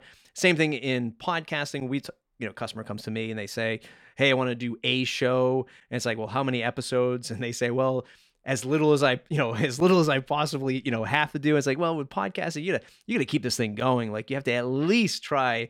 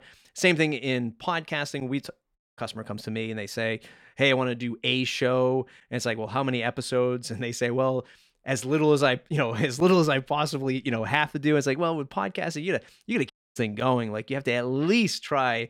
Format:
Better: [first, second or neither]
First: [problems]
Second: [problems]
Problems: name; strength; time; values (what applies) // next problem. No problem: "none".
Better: first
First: none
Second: audio cutting out; at 2.5 s and at 13 s